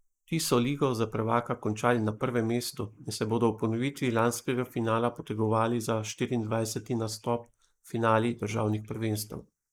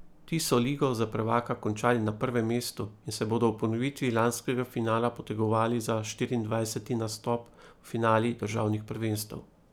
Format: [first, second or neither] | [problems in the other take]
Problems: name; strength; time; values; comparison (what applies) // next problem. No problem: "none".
second | noise reduction (neural mask model Resemble Enhance denoiser)